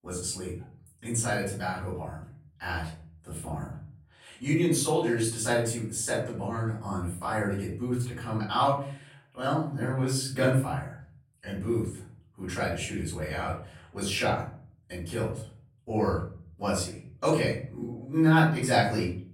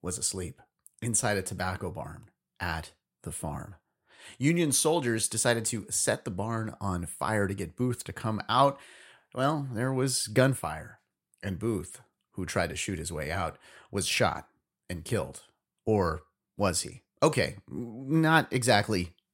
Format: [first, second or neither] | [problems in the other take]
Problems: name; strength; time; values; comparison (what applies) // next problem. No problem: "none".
second | room echo; noticeable; dies away in 0.5 s // off-mic speech; far